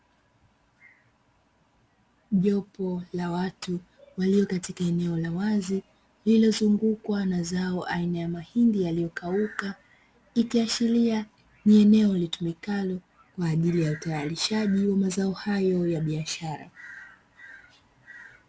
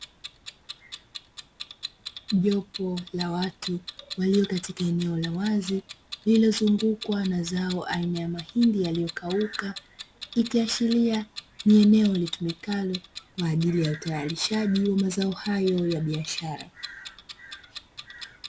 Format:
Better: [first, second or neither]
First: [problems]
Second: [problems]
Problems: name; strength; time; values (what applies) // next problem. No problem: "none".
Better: first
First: none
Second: background sound (Clock); 16 dB below the speech